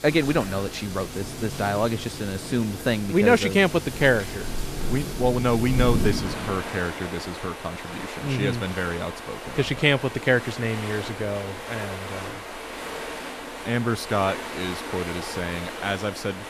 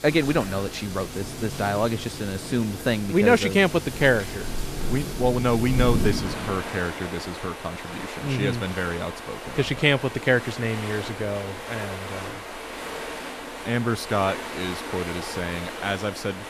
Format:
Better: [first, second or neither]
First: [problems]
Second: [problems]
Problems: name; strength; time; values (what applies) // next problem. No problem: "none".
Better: neither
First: rain or running water; loud; throughout; 8 dB below the speech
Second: rain or running water; loud; throughout; 8 dB below the speech